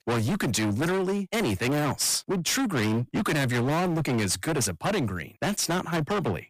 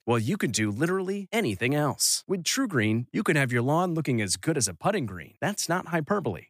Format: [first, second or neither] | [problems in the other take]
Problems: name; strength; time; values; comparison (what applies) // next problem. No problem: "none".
second | distortion; heavy; 34% of the sound clipped